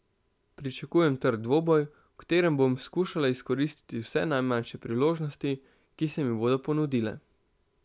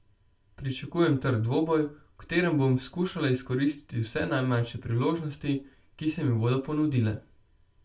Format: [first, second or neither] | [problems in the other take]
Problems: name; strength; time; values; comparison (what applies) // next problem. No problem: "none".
first | room echo; dies away in 0.2 s